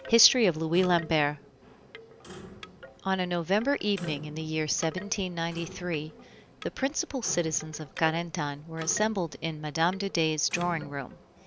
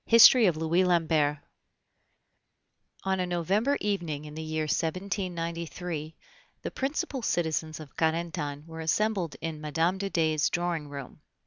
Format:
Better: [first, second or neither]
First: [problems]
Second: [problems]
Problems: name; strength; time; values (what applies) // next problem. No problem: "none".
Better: second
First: background sound (Clock + Wind chime / Wood); 16 dB below the speech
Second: none